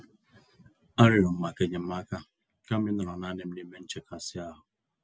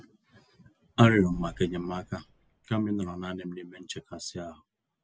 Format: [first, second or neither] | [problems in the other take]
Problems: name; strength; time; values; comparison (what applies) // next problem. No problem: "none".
first | background sound (Boom); 19 dB below the speech